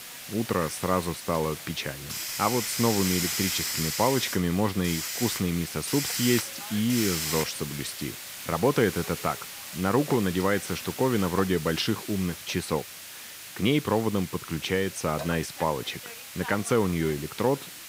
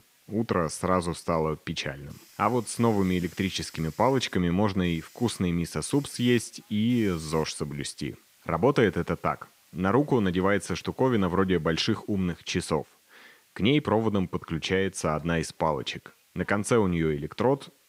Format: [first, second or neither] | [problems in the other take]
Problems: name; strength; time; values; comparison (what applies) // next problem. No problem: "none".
second | hiss; loud; throughout; 5 dB below the speech; faint in the second